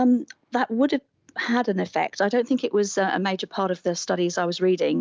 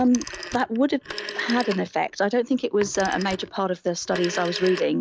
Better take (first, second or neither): first